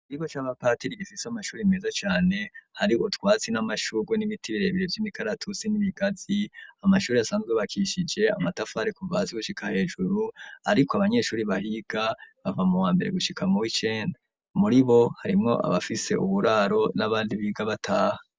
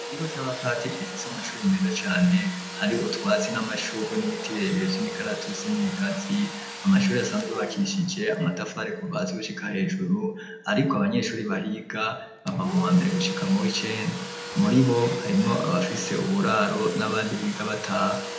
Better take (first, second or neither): first